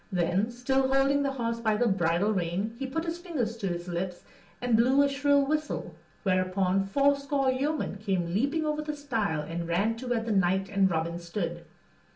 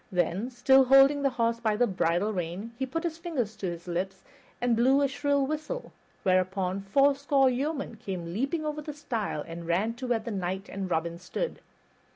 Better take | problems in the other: second | room echo; dies away in 0.3 s

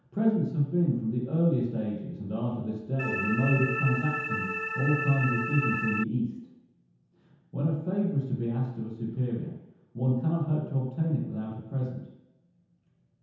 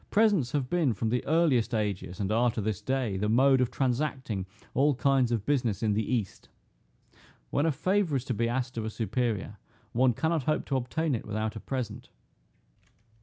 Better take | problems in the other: second | background sound (Organ); 3 dB below the speech // room echo; dies away in 0.9 s

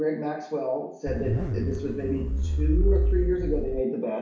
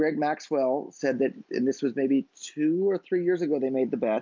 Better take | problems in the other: second | background sound (Zipper (clothing)); 4 dB above the speech // room echo; dies away in 0.6 s

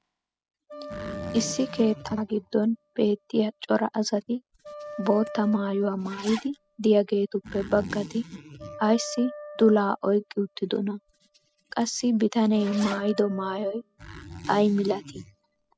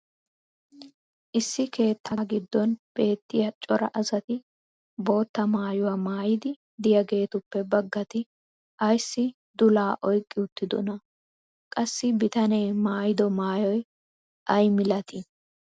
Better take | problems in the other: second | noise reduction (classical method spectral subtraction)

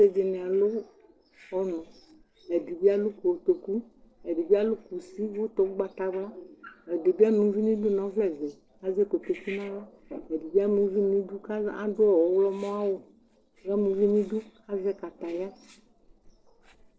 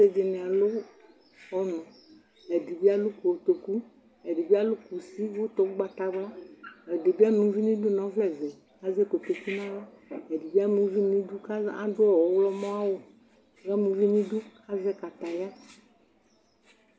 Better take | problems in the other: second | noise reduction (neural separator model SepFormer DNS4)

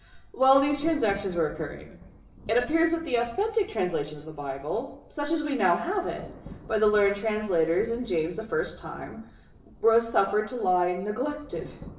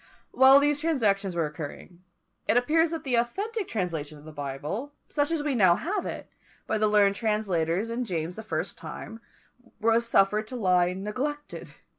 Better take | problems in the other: second | background sound (Thunder); 20 dB below the speech // room echo; dies away in 0.7 s

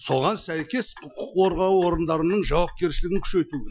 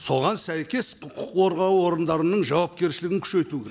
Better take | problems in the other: second | noise reduction (classical method Wiener filter)

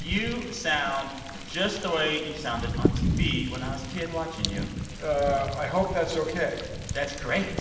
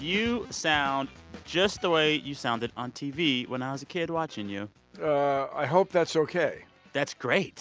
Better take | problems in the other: second | background sound (Thunder); 3 dB below the speech // room echo; dies away in 1.2 s

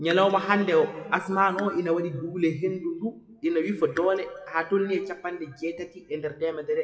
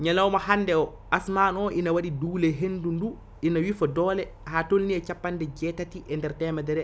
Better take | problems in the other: second | noise reduction (classical method WPE with log-MMSE)

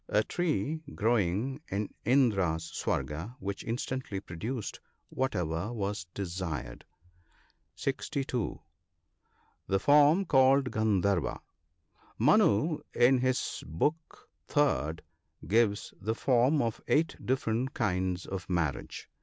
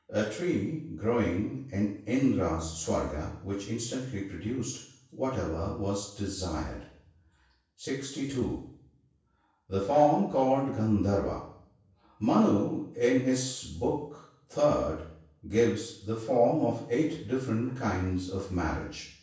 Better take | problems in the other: first | room echo; dies away in 0.7 s

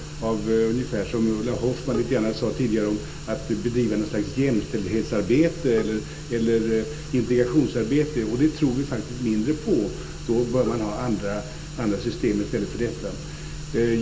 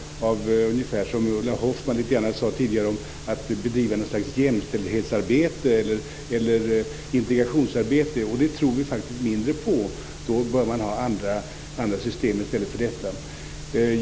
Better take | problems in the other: second | background sound (Bowed string instrument); 18 dB below the speech // room echo; dies away in 0.7 s

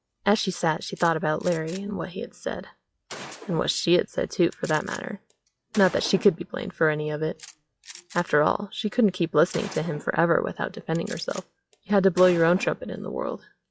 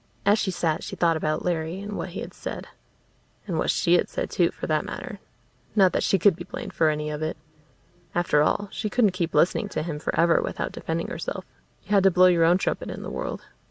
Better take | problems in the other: second | noise reduction (classical method log-MMSE)

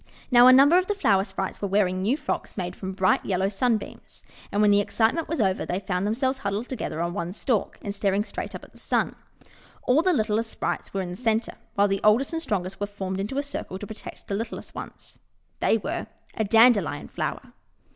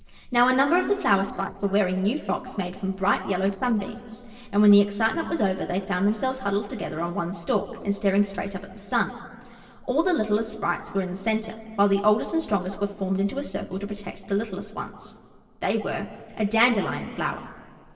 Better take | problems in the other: first | noise reduction (neural separator model SepFormer DNS4)

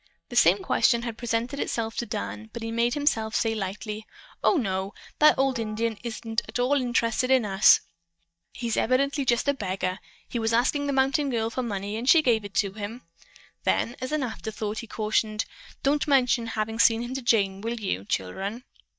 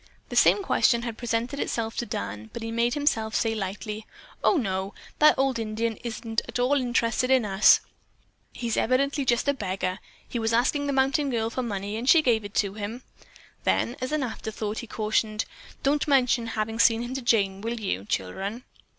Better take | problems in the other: second | noise reduction (neural mask model DeepFilterNet 3)

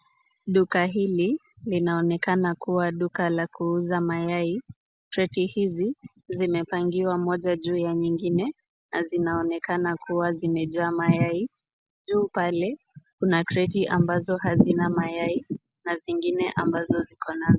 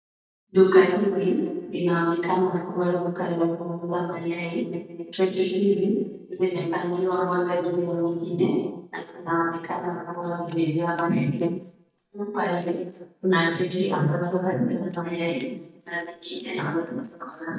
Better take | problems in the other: first | noise reduction (neural mask model DeepFilterNet 3)

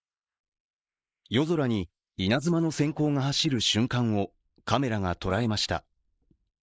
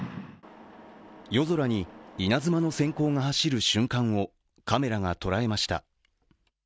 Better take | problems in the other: second | noise reduction (neural mask model Resemble Enhance denoiser)

